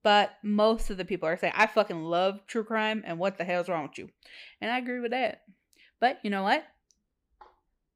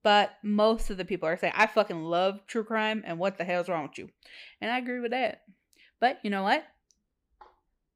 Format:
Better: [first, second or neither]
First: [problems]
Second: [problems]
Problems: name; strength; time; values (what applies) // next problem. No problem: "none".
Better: neither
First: none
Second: none